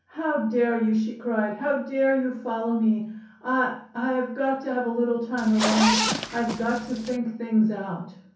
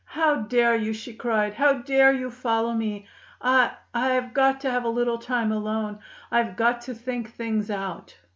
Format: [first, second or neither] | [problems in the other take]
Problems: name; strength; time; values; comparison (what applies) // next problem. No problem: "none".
second | background sound (Zipper (clothing)); 3 dB below the speech // room echo; dies away in 0.6 s